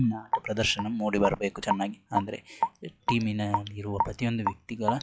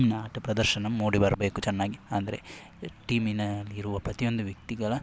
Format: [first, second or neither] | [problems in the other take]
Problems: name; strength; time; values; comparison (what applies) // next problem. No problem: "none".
second | noise reduction (classical method log-MMSE)